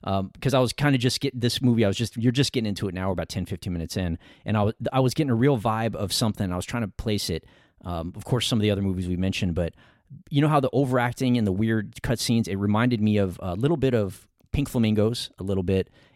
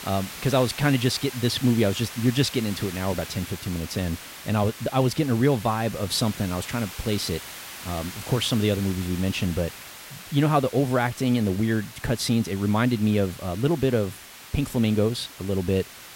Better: first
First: none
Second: hiss; noticeable; throughout; 15 dB below the speech

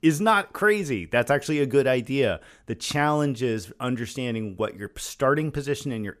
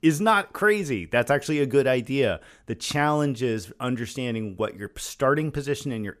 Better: neither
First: none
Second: none

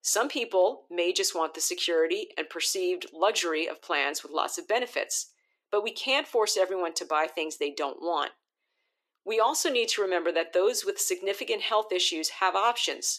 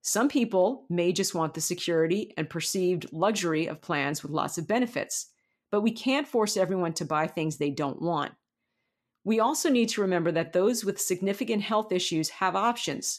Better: second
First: thin; very; fading below 350 Hz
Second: none

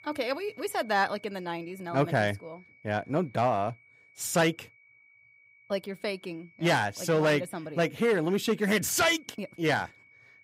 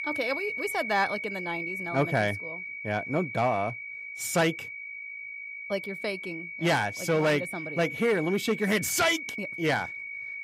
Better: first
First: high-pitched whine; faint; throughout; 2 kHz, 25 dB below the speech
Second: high-pitched whine; loud; throughout; 2 kHz, 7 dB below the speech

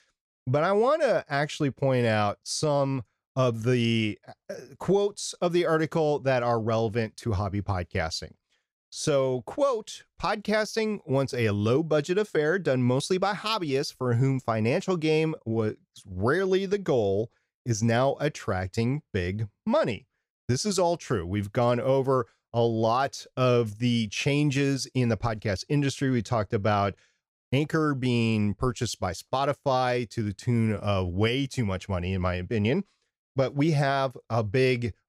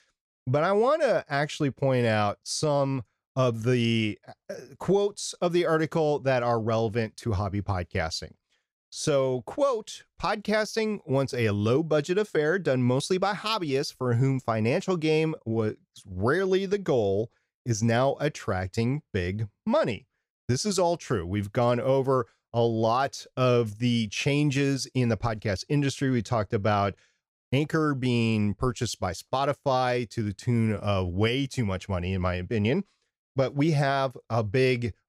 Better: neither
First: none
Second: none

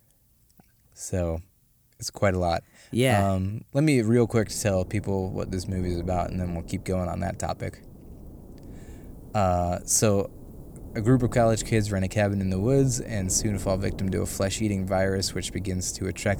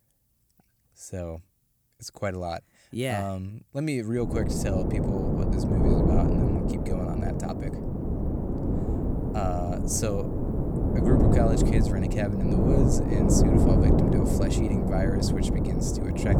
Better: first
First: wind noise on the microphone; occasional gusts; from 4.5 s on; 20 dB below the speech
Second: wind noise on the microphone; heavy; from 4.5 s on; 3 dB above the speech

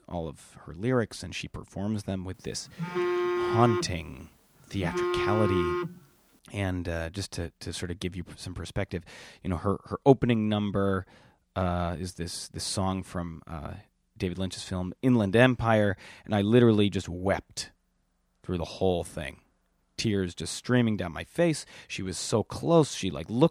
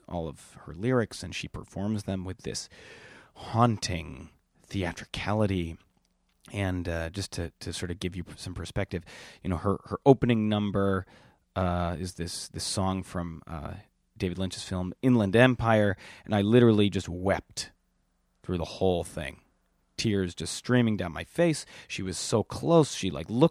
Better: second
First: phone ringing; loud; from 3 to 6 s; peak 1 dB above the speech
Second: none

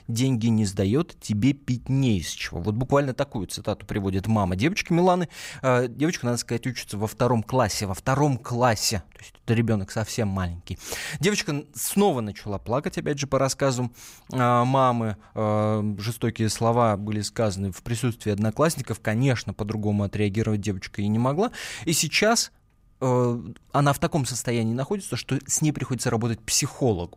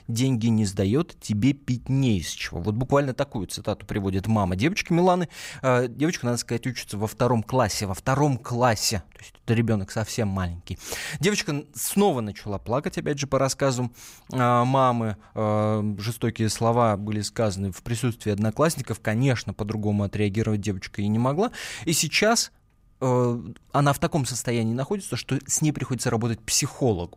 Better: neither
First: none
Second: none

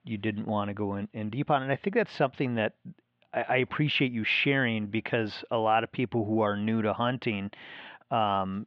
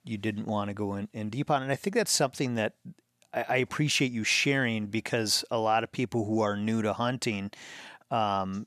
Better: second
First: muffled; very; fading above 3.5 kHz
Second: none

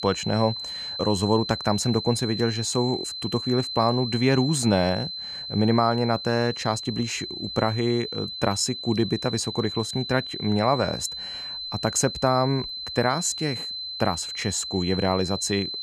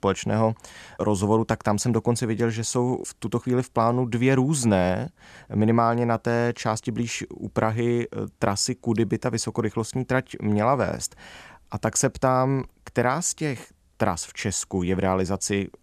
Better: second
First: high-pitched whine; loud; throughout; 4 kHz, 6 dB below the speech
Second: none

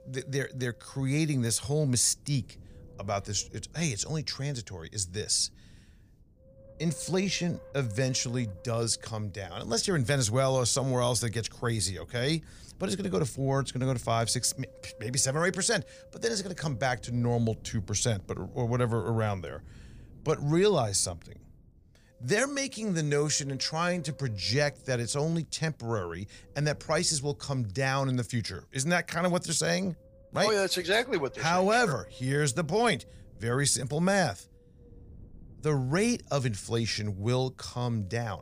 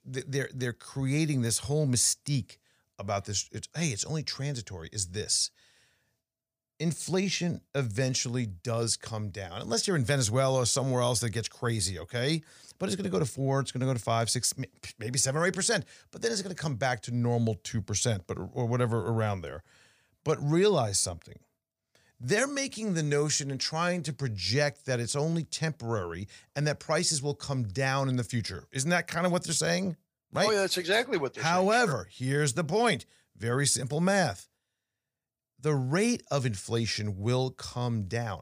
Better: second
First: wind noise on the microphone; occasional gusts; 25 dB below the speech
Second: none

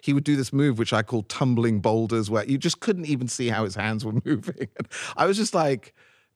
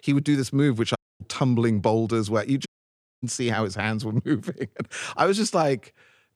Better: first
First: none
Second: audio cutting out; at 1 s and at 2.5 s for 0.5 s

